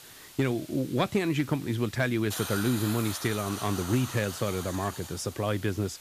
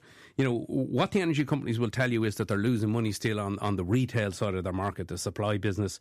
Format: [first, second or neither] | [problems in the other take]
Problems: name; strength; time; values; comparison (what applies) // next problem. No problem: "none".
second | hiss; noticeable; throughout; 10 dB below the speech